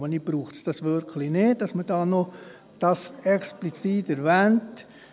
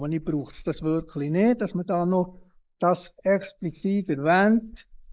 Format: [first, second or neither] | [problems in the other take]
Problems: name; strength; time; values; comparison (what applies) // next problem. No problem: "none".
first | noise reduction (neural mask model Resemble Enhance denoiser)